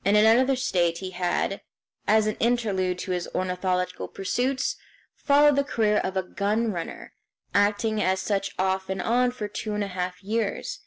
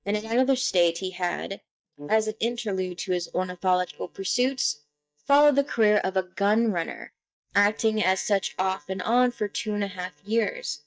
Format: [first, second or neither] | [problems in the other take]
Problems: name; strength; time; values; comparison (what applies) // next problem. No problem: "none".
first | noise reduction (neural mask model DeepFilterNet 3)